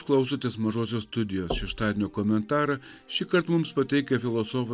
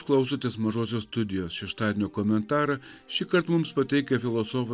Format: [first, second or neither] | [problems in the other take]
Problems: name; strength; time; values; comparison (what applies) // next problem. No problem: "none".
second | background sound (Knock); 14 dB below the speech